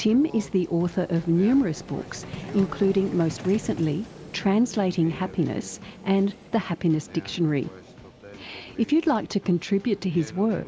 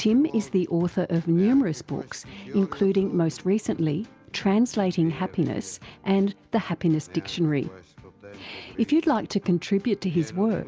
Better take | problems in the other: second | background sound (Vehicle); 18 dB below the speech

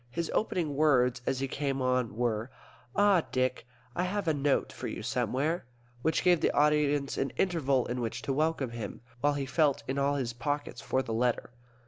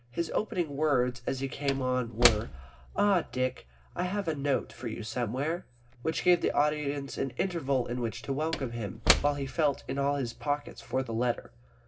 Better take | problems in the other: first | background sound (Slam / Wood); 7 dB below the speech // room echo; dies away in 0.4 s

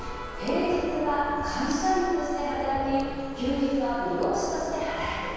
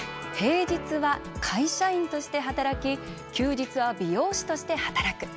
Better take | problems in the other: second | background sound (Tick); 14 dB below the speech // room echo; dies away in 2.2 s

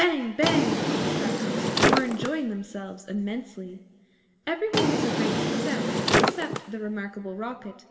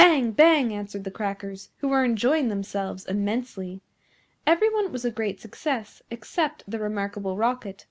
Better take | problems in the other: second | background sound (Drawer open or close); 4 dB above the speech // room echo; dies away in 1.4 s

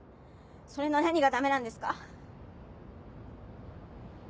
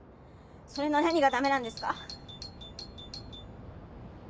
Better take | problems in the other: first | background sound (Doorbell); 16 dB below the speech

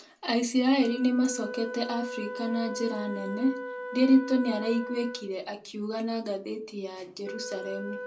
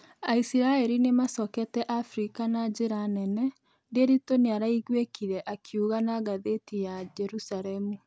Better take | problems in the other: second | background sound (Wind instrument, woodwind instrument); 11 dB below the speech // room echo; dies away in 0.2 s

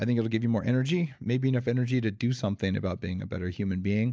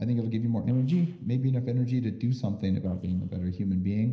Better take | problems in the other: first | noise reduction (neural separator model SepFormer DNS4)

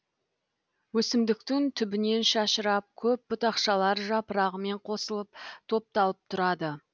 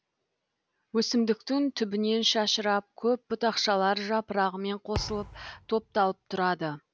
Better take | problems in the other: first | background sound (Thump, thud); 13 dB below the speech

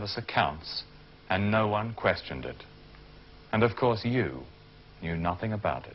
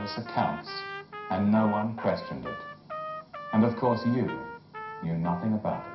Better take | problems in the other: first | background sound (Trumpet); 11 dB below the speech // room echo; dies away in 0.5 s

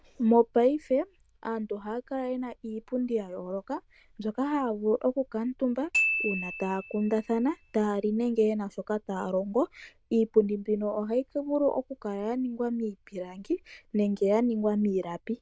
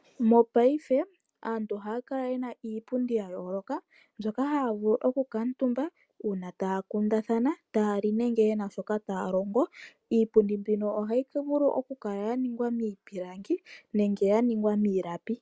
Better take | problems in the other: second | noise reduction (neural diffusion model UNIVERSE++)

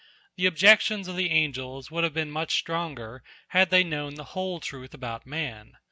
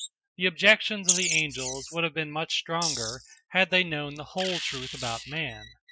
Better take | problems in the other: first | noise reduction (classical method Wiener filter)

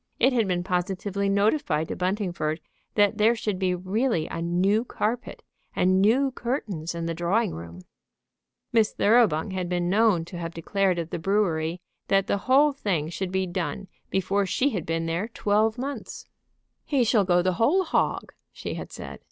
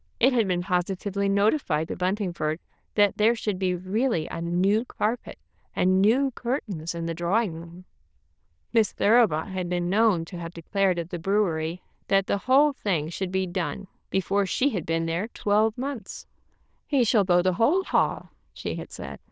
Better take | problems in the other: first | noise reduction (neural diffusion model UNIVERSE++)

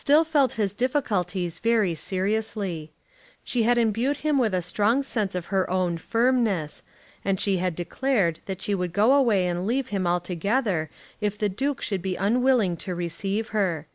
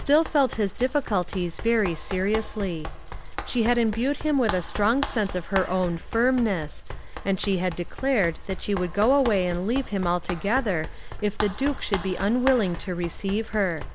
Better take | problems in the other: first | background sound (Run); 8 dB below the speech

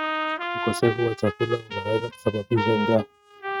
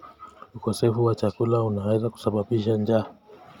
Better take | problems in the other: second | noise reduction (neural mask model RNNoise)

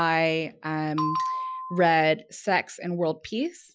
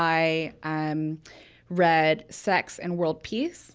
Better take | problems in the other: second | noise reduction (classical method Wiener filter)

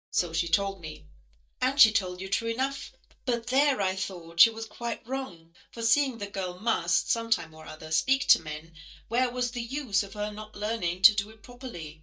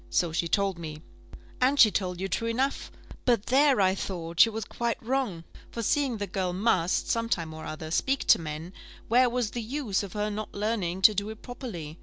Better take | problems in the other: second | noise reduction (neural mask model DeepFilterNet 3)

